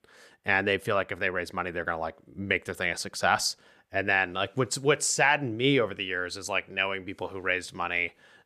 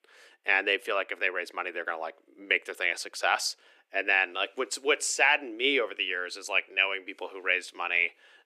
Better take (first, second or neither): first